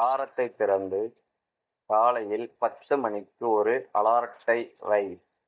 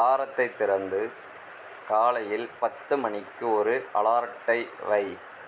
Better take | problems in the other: second | noise reduction (neural mask model DeepFilterNet 3)

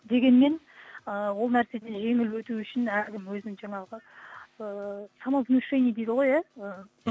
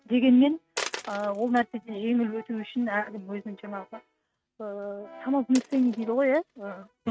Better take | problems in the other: first | noise reduction (neural mask model RNNoise)

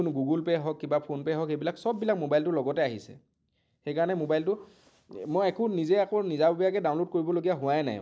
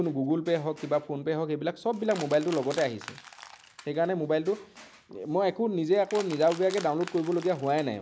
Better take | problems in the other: first | background sound (Crushing); 19 dB below the speech

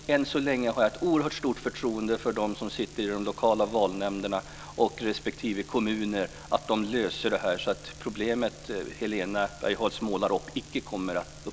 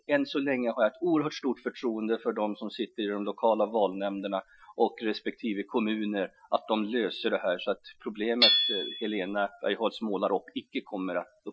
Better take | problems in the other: first | noise reduction (classical method Wiener filter)

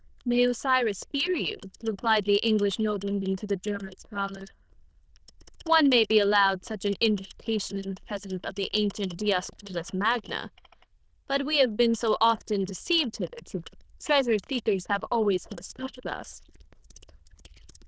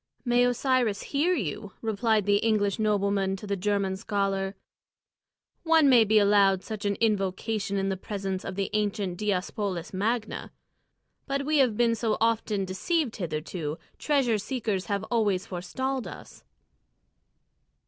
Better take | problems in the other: second | noise reduction (neural diffusion model UNIVERSE++)

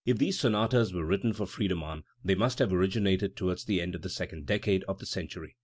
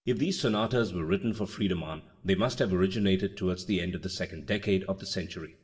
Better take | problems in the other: first | room echo; dies away in 0.6 s

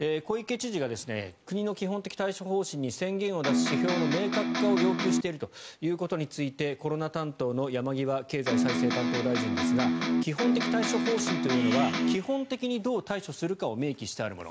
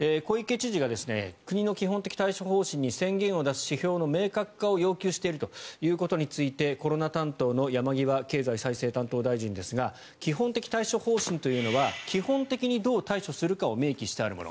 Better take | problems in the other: second | background sound (Electric guitar); 4 dB above the speech

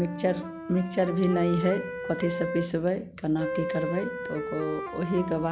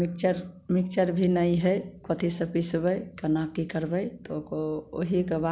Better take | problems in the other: second | background sound (Wind instrument, woodwind instrument); 7 dB below the speech

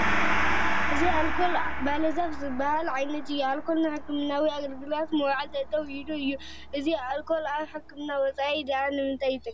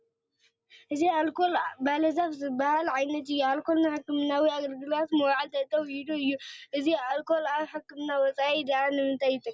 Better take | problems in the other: second | background sound (Gong); as loud as the speech

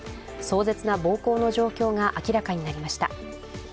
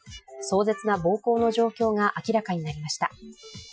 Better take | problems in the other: first | noise reduction (classical method Wiener filter)

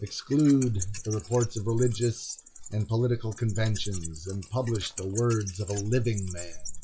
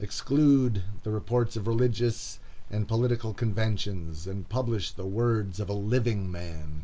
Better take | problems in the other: second | noise reduction (classical method log-MMSE)

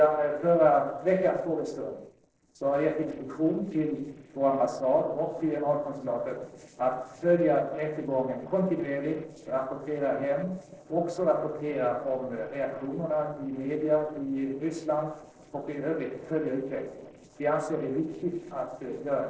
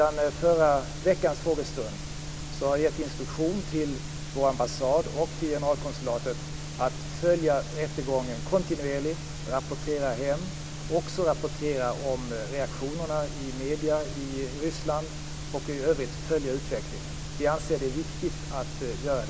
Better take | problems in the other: second | noise reduction (neural separator model SepFormer DNS4)

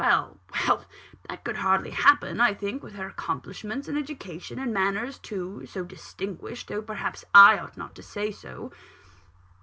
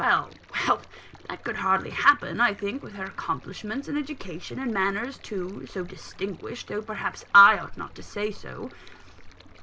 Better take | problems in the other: first | background sound (Stream); 18 dB below the speech

